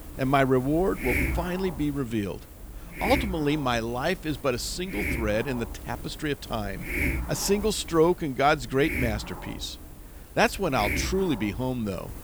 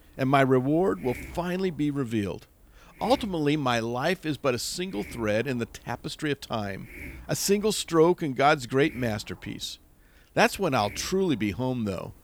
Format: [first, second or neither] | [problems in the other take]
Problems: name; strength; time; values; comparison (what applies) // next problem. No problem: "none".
second | hiss; loud; throughout; 7 dB below the speech; faint in the second